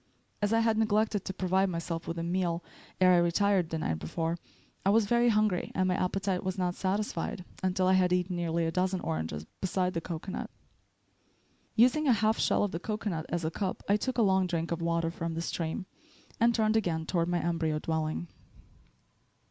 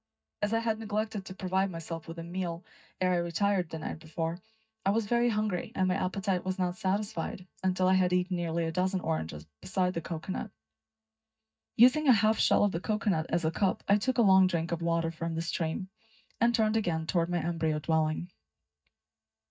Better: first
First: none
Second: noise reduction (neural mask model DeepFilterNet 3)

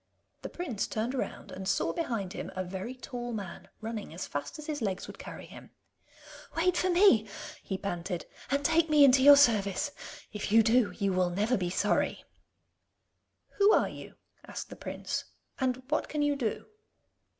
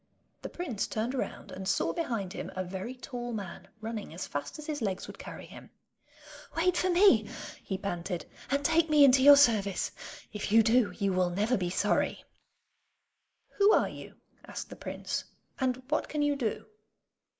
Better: first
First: none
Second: noise reduction (neural mask model Resemble Enhance denoiser)

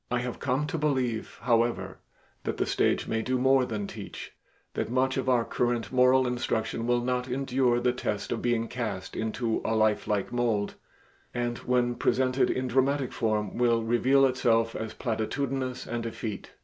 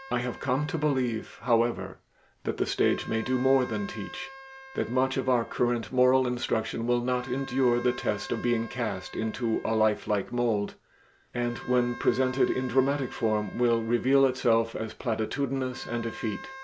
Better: first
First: none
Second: background sound (Wind instrument, woodwind instrument); 18 dB below the speech

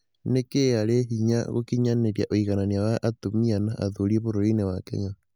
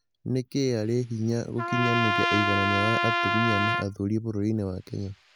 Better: first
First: none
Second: background sound (Trumpet); 1 dB below the speech

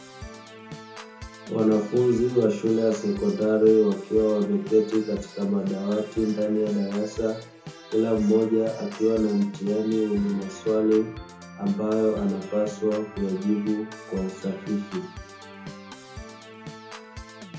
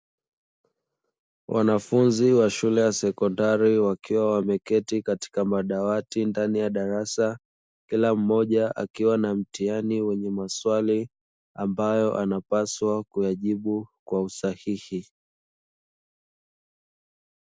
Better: second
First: background sound (Organ); 16 dB below the speech // room echo; dies away in 0.6 s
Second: none

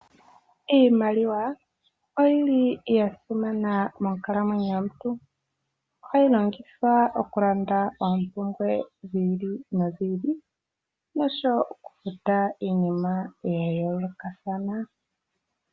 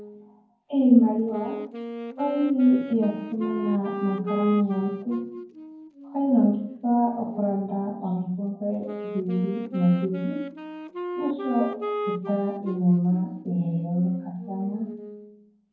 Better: first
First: none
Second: background sound (Wind instrument, woodwind instrument); 10 dB below the speech // room echo; dies away in 0.9 s

